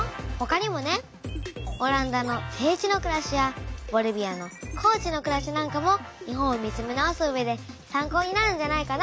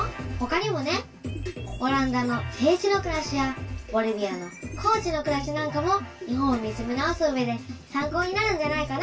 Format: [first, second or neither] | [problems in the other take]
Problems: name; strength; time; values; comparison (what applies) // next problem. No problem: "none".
first | room echo; dies away in 0.1 s